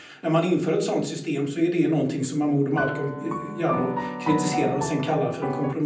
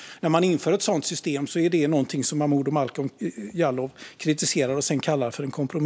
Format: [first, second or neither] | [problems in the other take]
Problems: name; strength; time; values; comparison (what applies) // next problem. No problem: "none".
second | background sound (Piano); 5 dB below the speech // room echo; dies away in 0.6 s